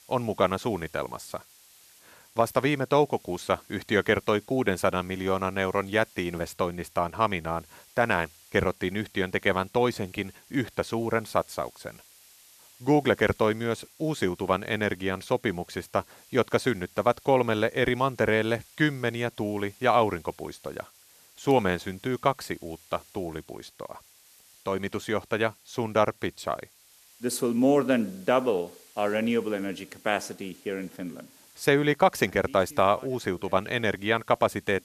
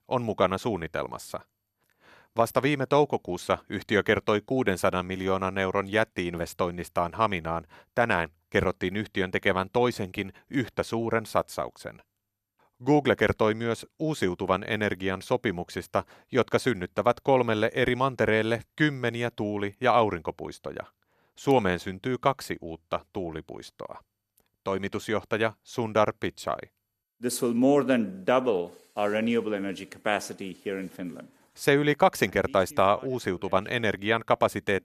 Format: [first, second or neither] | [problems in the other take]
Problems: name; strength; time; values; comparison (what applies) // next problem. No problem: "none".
second | hiss; faint; throughout; 25 dB below the speech